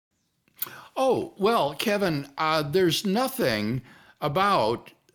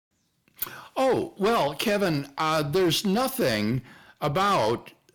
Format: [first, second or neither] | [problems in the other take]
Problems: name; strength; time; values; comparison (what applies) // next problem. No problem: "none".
first | distortion; slight; 10% of the sound clipped